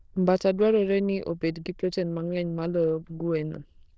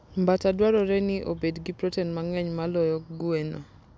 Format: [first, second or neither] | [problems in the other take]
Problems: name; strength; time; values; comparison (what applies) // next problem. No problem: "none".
second | noise reduction (neural diffusion model UNIVERSE++)